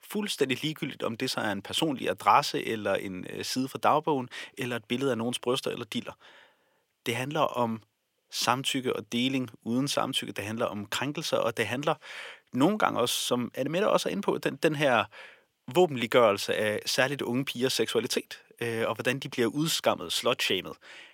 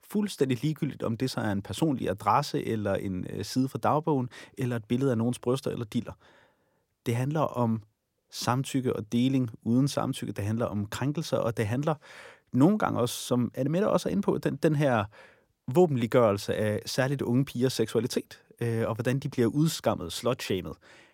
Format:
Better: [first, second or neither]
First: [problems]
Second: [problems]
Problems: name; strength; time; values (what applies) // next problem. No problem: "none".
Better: second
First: thin; very slightly; fading below 1 kHz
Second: none